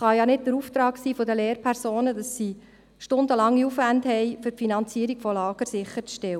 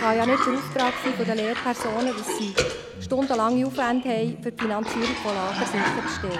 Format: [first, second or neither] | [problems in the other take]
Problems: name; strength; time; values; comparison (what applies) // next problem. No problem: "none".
first | background sound (Cough); 4 dB below the speech